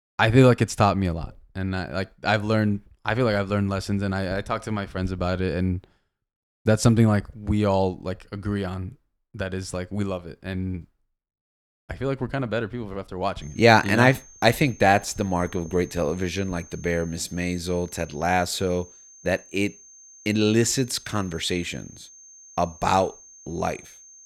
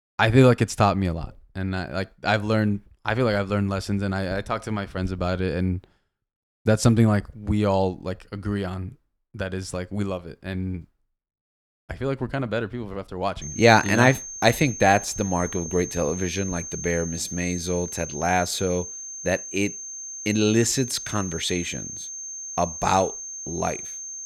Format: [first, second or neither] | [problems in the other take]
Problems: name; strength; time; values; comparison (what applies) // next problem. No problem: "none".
first | high-pitched whine; loud; from 13 s on; 6.5 kHz, 9 dB below the speech; faint in the first